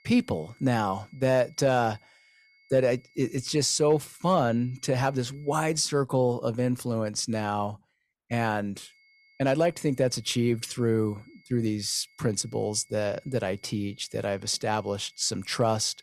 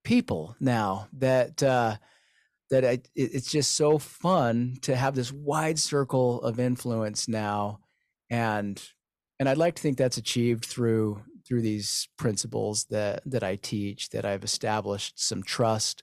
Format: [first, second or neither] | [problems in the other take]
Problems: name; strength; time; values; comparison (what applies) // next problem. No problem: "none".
second | high-pitched whine; faint; until 6 s and from 9 s on; 2 kHz, 30 dB below the speech